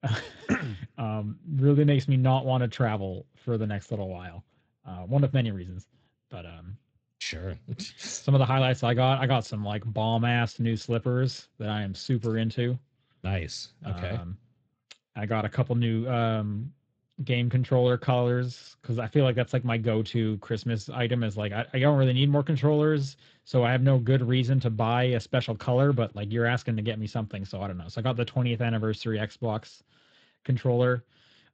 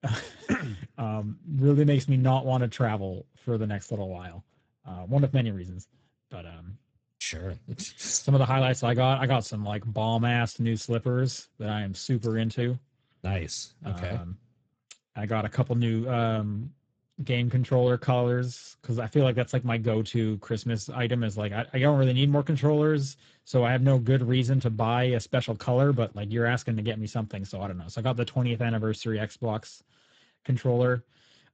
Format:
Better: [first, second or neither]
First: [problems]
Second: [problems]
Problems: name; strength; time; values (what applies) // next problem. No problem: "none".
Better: first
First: garbled, watery; slightly; nothing above 7.5 kHz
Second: garbled, watery; badly; nothing above 7.5 kHz